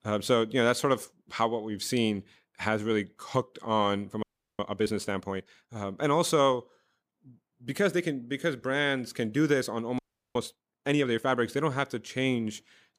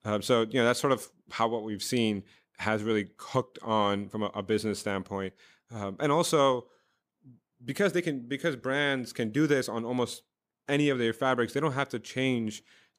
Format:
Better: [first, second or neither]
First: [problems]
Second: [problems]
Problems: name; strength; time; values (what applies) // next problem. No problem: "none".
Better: second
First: audio freezing; at 4 s and at 10 s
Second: none